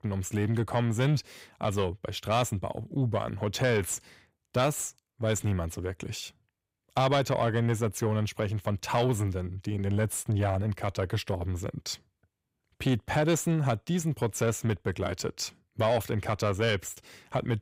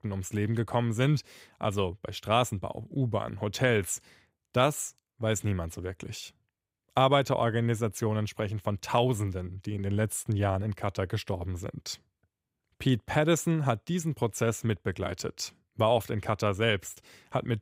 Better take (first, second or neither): second